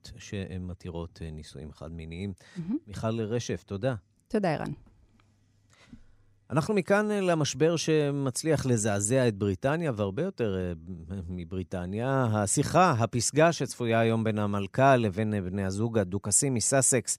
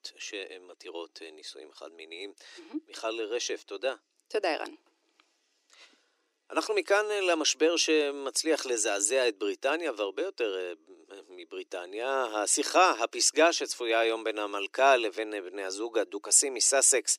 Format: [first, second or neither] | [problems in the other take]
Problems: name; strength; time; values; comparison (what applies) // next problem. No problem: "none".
first | thin; very; fading below 300 Hz